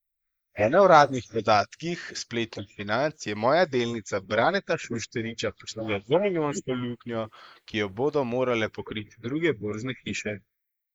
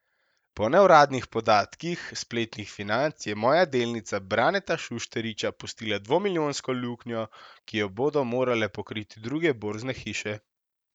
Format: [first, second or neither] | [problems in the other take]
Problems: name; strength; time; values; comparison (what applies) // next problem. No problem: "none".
second | noise reduction (neural mask model Resemble Enhance denoiser)